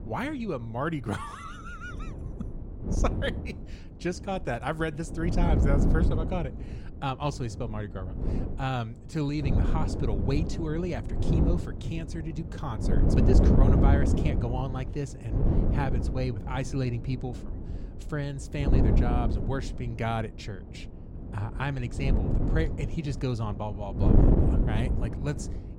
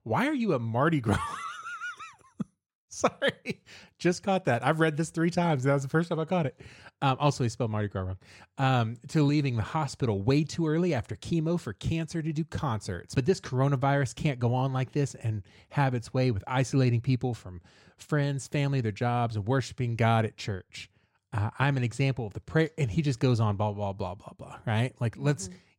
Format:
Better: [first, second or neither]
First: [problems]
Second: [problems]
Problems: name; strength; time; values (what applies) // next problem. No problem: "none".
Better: second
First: wind noise on the microphone; heavy; 2 dB below the speech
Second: none